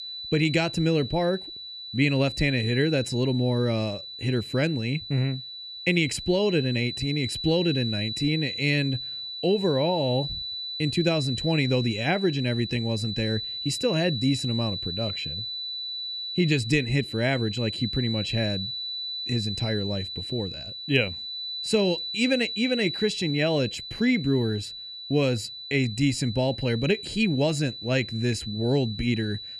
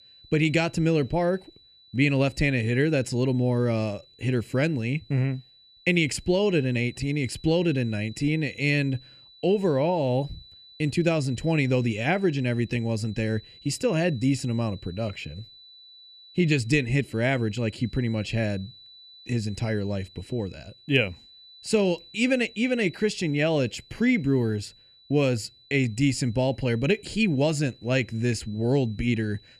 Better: second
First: high-pitched whine; loud; throughout; 4 kHz, 6 dB below the speech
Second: high-pitched whine; faint; throughout; 4 kHz, 25 dB below the speech

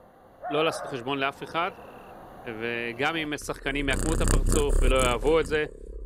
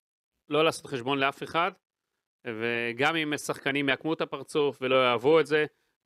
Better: second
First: animal sounds; loud; throughout; 2 dB below the speech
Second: none

